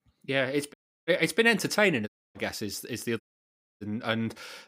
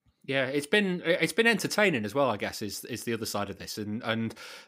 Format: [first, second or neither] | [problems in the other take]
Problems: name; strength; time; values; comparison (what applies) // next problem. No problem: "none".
second | audio cutting out; at 0.5 s, at 2 s and at 3 s for 0.5 s